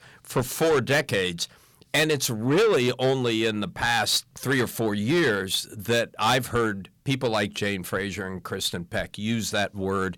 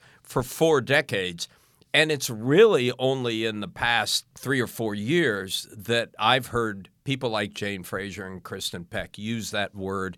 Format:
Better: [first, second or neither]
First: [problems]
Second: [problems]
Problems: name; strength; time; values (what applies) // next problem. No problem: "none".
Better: second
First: distortion; heavy; 7 dB below the speech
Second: none